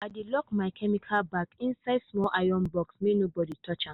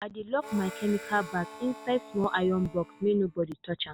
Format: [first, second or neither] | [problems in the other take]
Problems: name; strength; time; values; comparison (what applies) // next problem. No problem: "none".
first | background sound (Harmonica); 16 dB below the speech